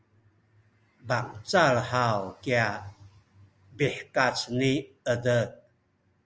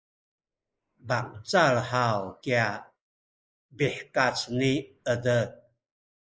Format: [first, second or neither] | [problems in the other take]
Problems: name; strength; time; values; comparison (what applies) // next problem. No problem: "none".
first | noise reduction (neural mask model Resemble Enhance denoiser)